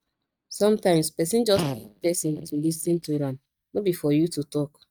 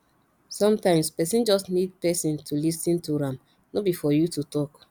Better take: second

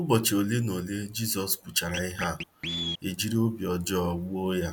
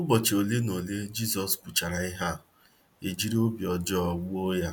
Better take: second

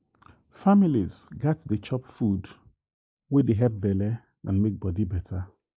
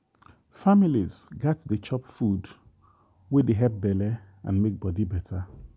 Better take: second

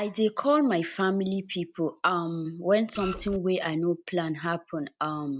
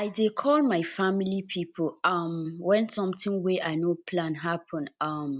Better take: second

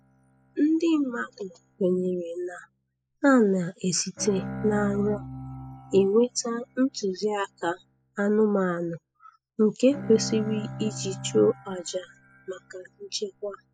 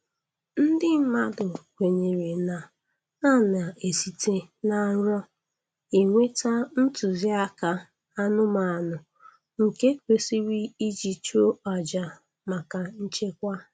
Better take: second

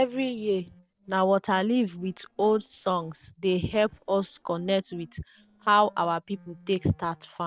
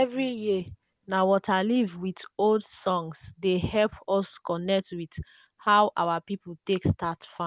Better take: second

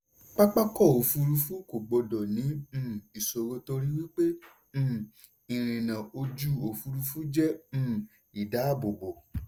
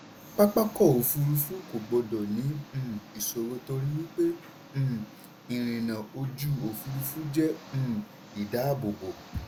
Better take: first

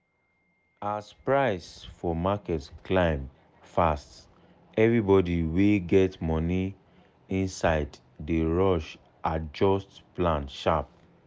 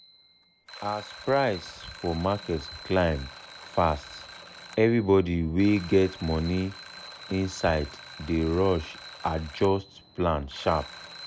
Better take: first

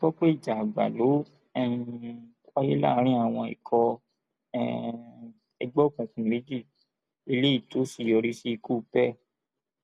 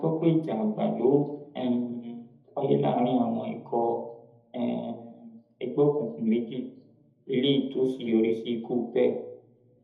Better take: first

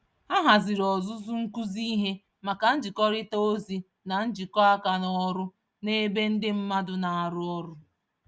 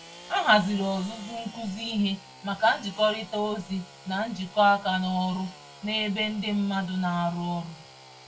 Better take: first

